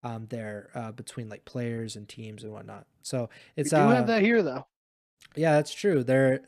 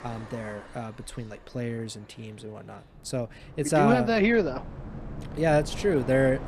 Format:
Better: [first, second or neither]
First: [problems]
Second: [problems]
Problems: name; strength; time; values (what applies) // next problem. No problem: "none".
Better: first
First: none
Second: train or aircraft noise; noticeable; throughout; 15 dB below the speech